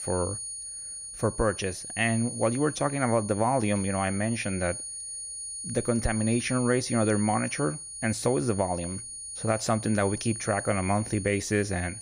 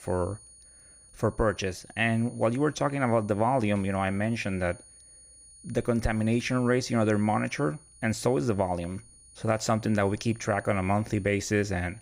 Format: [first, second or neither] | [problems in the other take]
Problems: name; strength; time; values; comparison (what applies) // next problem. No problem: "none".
second | high-pitched whine; loud; throughout; 9.5 kHz, 8 dB below the speech; faint in the second